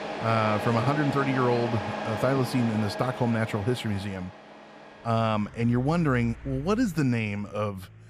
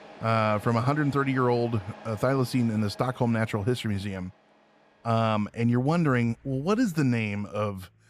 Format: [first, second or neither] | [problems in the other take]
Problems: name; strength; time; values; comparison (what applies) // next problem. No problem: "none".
second | traffic noise; loud; throughout; 8 dB below the speech; faint in the second